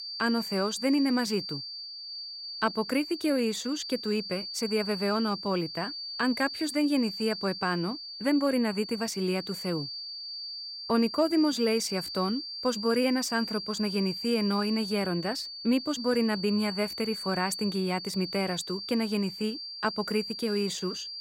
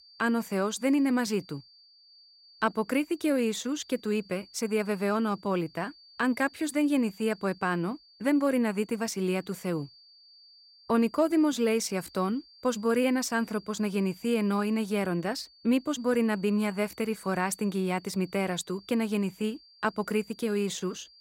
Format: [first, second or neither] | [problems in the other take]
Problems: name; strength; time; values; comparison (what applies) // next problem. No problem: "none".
second | high-pitched whine; loud; throughout; 4.5 kHz, 7 dB below the speech; faint in the second